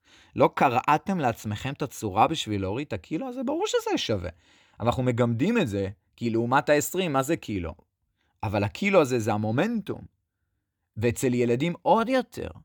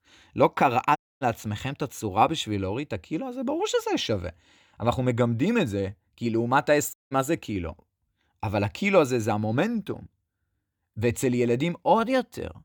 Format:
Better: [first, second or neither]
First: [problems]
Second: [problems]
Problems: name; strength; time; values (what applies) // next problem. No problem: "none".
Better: first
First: none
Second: audio cutting out; at 1 s and at 7 s